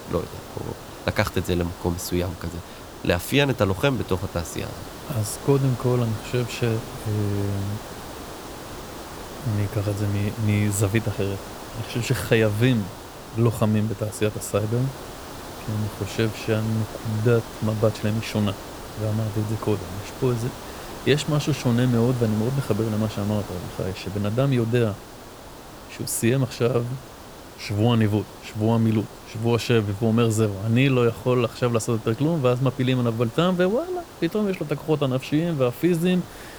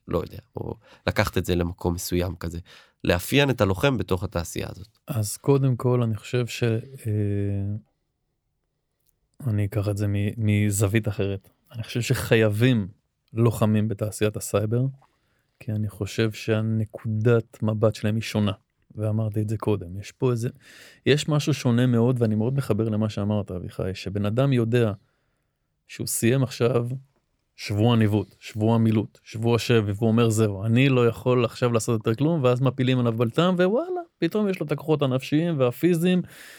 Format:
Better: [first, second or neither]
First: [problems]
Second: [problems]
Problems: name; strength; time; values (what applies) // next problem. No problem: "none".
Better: second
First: hiss; noticeable; throughout; 15 dB below the speech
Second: none